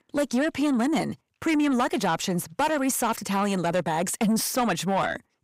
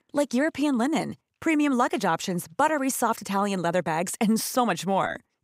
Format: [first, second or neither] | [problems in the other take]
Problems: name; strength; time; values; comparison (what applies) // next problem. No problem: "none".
second | distortion; slight; 10 dB below the speech